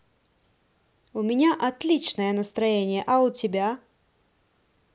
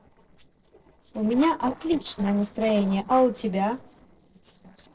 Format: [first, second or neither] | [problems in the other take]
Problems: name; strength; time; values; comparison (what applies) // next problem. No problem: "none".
first | noise reduction (neural separator model SepFormer DNS4)